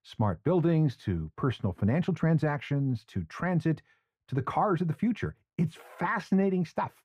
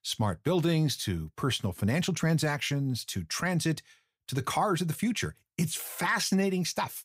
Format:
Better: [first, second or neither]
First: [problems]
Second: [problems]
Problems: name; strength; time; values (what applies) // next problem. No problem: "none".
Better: second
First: muffled; very; fading above 3 kHz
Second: none